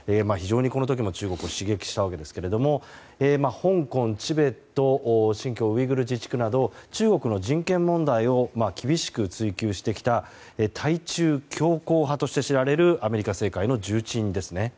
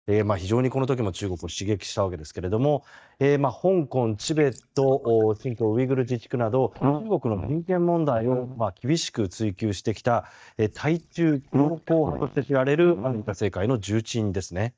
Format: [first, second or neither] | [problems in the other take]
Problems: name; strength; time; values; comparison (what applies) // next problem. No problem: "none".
first | noise reduction (neural mask model DeepFilterNet 3)